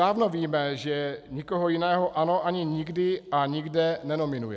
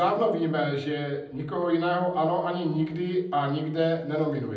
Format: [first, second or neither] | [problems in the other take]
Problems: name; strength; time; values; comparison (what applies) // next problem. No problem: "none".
first | room echo; dies away in 0.6 s